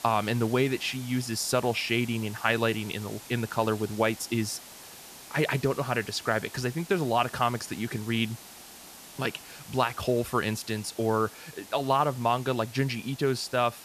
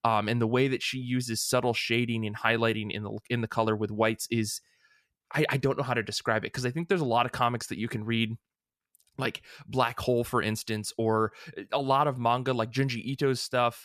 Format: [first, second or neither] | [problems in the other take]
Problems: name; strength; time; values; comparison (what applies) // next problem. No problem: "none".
second | hiss; noticeable; throughout; 15 dB below the speech